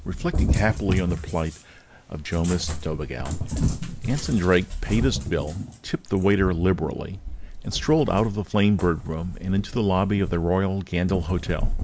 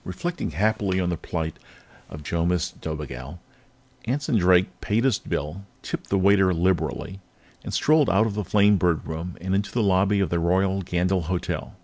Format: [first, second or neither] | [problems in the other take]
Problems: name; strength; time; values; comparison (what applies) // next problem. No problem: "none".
second | background sound (Cat); 5 dB below the speech